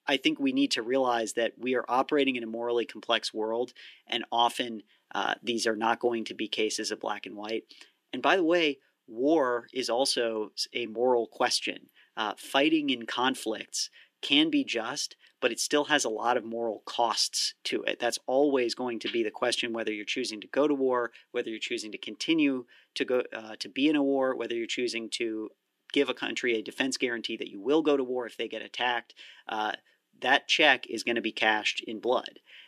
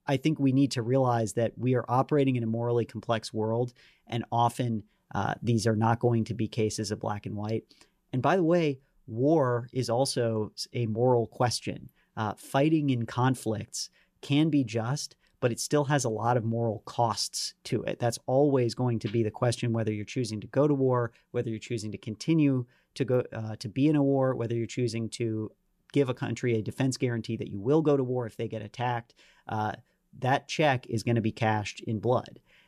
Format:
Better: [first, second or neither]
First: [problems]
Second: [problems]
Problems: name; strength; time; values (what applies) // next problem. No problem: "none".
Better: second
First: thin; very slightly; fading below 300 Hz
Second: none